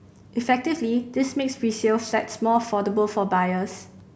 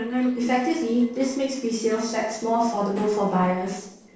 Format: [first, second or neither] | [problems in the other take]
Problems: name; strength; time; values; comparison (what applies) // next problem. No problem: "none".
first | noise reduction (neural separator model SepFormer DNS4)